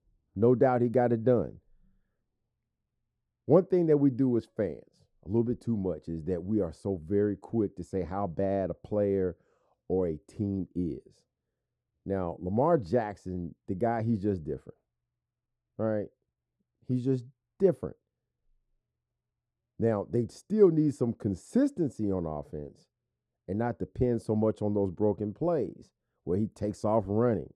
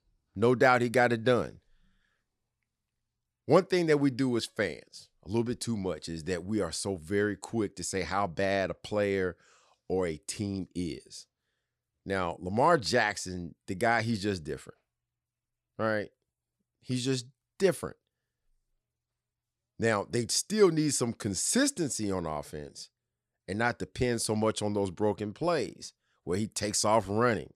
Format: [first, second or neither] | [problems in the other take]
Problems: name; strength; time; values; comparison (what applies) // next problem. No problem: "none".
second | muffled; very; fading above 1 kHz